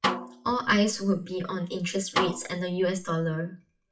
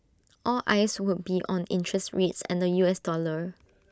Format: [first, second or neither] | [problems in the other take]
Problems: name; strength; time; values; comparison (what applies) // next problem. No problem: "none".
second | noise reduction (classical method WPE with log-MMSE)